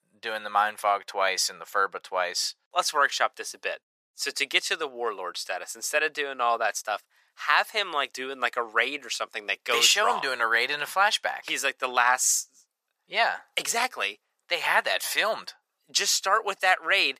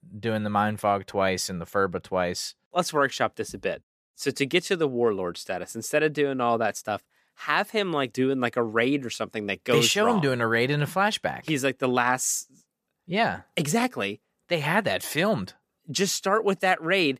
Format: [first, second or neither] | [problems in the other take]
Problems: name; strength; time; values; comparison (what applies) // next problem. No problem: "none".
second | thin; very; fading below 900 Hz